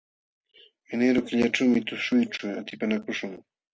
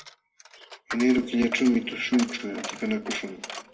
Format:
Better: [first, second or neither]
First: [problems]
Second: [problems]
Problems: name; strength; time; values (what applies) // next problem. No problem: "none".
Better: first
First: none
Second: background sound (Coin (dropping)); 13 dB below the speech // room echo; dies away in 1.3 s